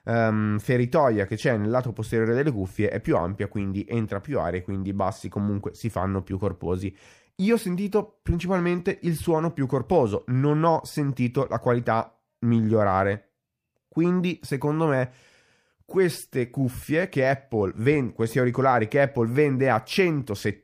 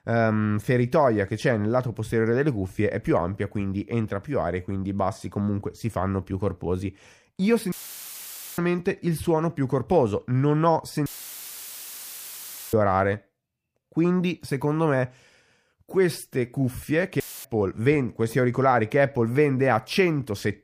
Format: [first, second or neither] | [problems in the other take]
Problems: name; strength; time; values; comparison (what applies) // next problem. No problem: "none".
first | audio cutting out; filled with static; at 7.5 s for 1 s, at 11 s for 1.5 s and at 17 s